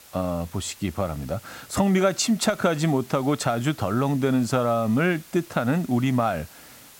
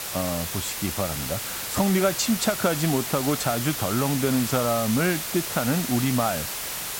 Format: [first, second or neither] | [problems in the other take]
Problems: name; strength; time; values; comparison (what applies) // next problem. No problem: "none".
first | hiss; loud; throughout; 3 dB below the speech; faint in the first